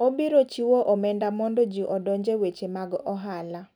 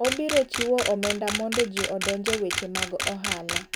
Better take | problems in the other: first | background sound (Camera); 3 dB below the speech

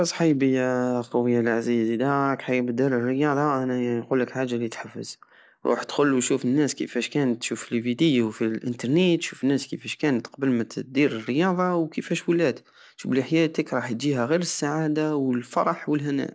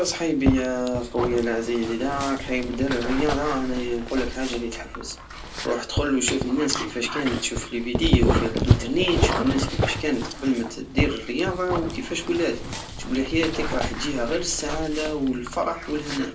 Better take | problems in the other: first | background sound (Dog); 2 dB below the speech // room echo; dies away in 0.2 s

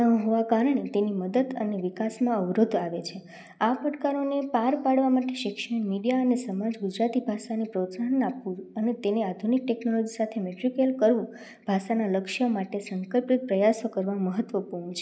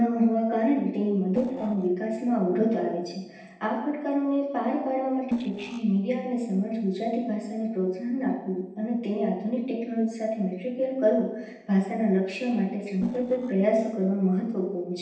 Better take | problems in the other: first | noise reduction (neural separator model SepFormer DNS4)

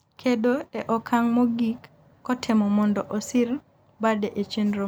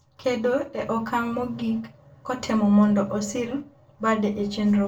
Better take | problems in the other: first | room echo; dies away in 0.3 s

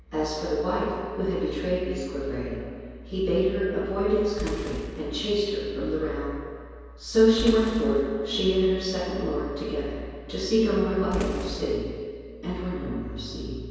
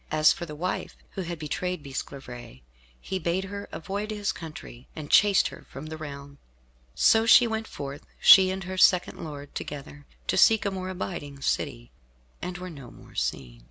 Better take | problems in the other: second | background sound (Boom); 13 dB below the speech // room echo; dies away in 2.2 s

